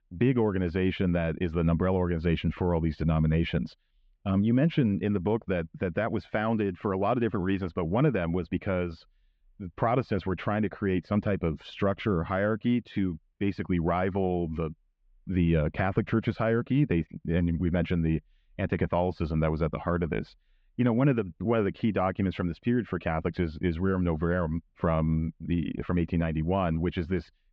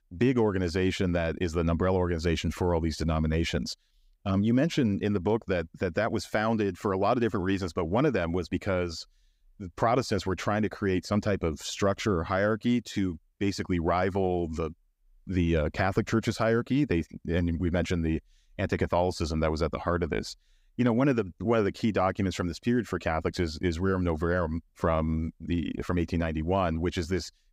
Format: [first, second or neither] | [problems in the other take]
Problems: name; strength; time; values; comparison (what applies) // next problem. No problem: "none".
second | muffled; very; fading above 3 kHz